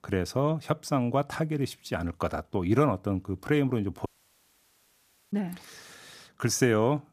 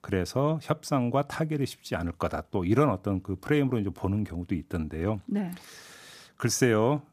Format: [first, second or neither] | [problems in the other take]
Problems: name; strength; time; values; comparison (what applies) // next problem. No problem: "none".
second | audio cutting out; at 4 s for 1.5 s